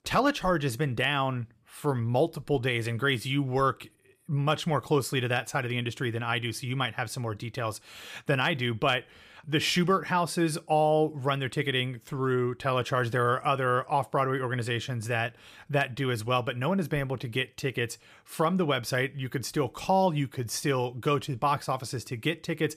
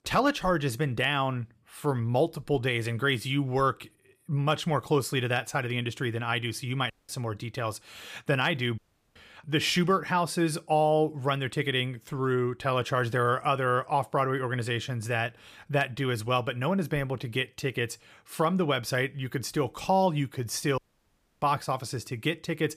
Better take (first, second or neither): first